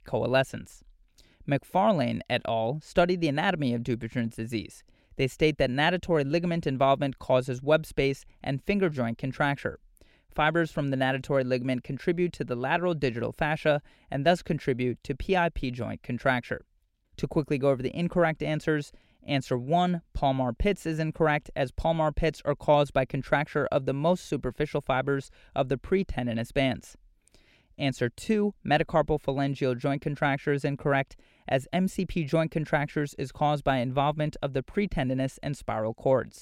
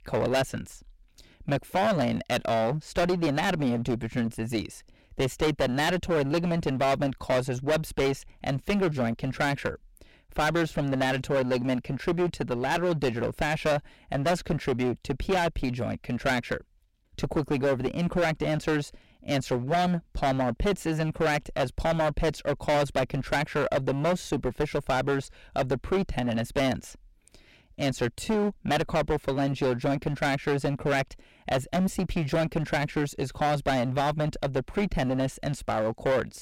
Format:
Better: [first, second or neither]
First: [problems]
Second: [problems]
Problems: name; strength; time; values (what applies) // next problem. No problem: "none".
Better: first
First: none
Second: distortion; heavy; 16% of the sound clipped